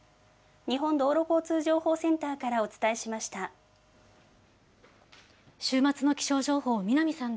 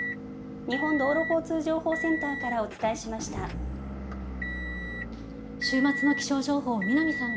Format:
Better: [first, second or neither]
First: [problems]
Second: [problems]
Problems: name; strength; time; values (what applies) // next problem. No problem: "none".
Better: first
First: none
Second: background sound (Motor vehicle (road) / Engine); 4 dB below the speech // room echo; dies away in 0.5 s